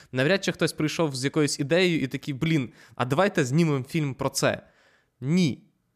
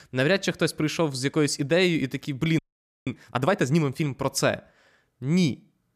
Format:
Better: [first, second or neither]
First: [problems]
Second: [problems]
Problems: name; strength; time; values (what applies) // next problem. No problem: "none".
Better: first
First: none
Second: audio freezing; at 2.5 s